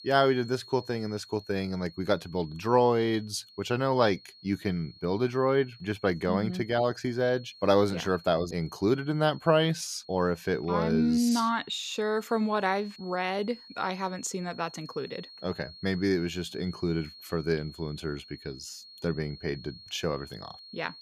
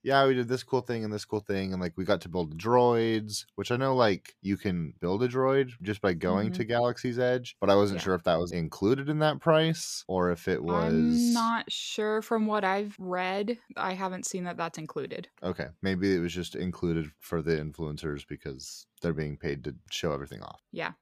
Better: second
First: high-pitched whine; noticeable; throughout; 4.5 kHz, 20 dB below the speech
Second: none

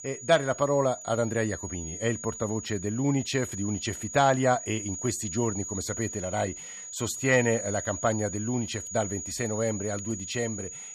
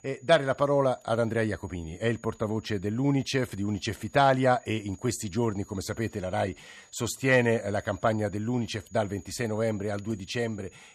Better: second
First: high-pitched whine; loud; throughout; 7 kHz, 8 dB below the speech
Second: high-pitched whine; faint; throughout; 7 kHz, 25 dB below the speech

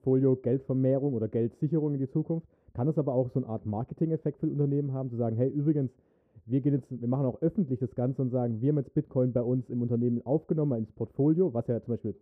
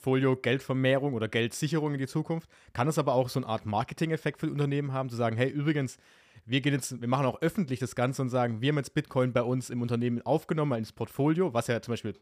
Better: second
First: muffled; very; fading above 1 kHz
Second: none

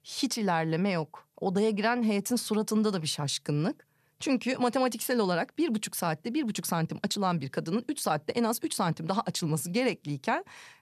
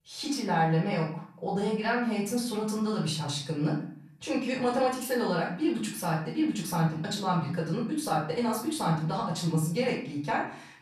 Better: first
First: none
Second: room echo; noticeable; dies away in 0.5 s // off-mic speech; far

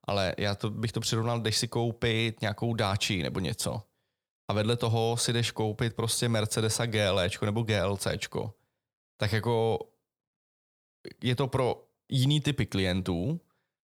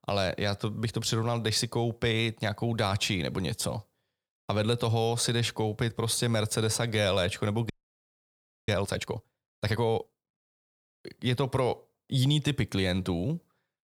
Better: first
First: none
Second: audio freezing; at 7.5 s for 1 s

